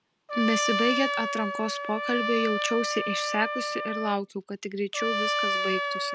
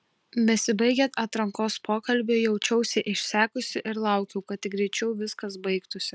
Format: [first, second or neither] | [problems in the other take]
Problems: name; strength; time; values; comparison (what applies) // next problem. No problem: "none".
second | background sound (Trumpet); 1 dB below the speech